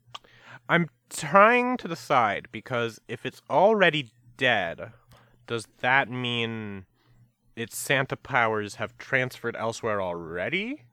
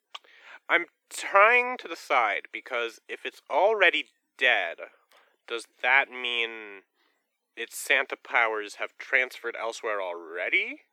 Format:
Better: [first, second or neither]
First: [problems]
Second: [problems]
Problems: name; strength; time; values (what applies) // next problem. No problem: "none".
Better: first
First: none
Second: thin; very; fading below 300 Hz